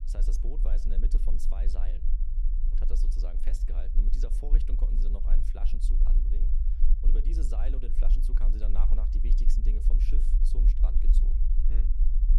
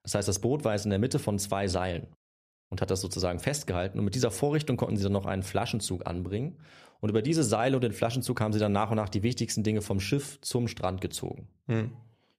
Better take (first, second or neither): second